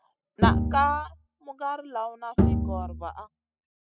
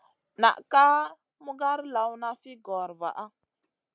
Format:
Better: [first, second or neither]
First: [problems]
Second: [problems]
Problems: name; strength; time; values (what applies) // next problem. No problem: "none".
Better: second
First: noise reduction (classical method spectral subtraction)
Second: none